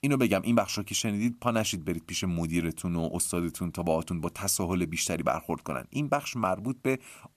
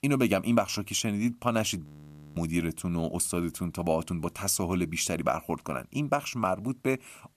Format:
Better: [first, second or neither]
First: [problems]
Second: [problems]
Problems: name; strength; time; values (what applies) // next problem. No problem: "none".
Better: first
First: none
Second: audio freezing; at 2 s for 0.5 s